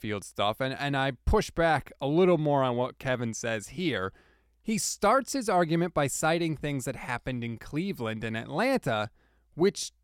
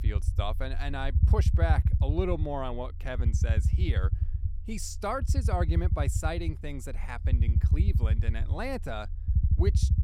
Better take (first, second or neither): first